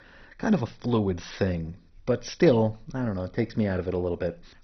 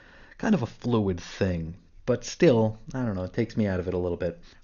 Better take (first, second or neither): second